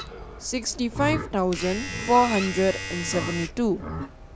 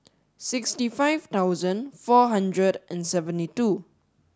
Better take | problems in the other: second | background sound (Livestock, farm animals, working animals + Domestic sounds, home sounds); 7 dB below the speech

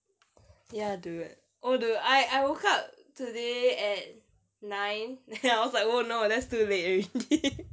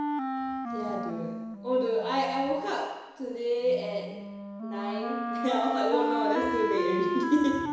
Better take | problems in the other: first | background sound (Wind instrument, woodwind instrument); 3 dB below the speech // room echo; dies away in 1 s

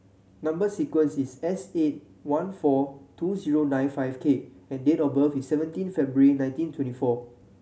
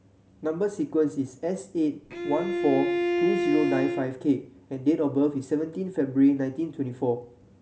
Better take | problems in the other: first | background sound (Bowed string instrument); 1 dB below the speech

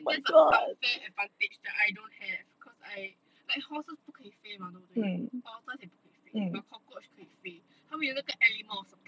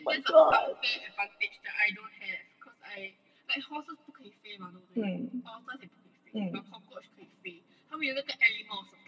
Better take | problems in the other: first | room echo; dies away in 0.7 s

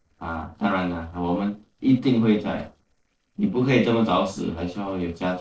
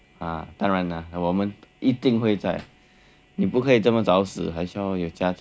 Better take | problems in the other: second | noise reduction (neural separator model SepFormer DNS4)

